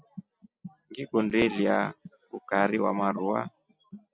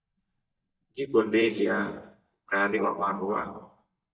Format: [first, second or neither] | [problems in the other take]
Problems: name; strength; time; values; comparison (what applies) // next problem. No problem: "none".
first | noise reduction (neural mask model DeepFilterNet 3)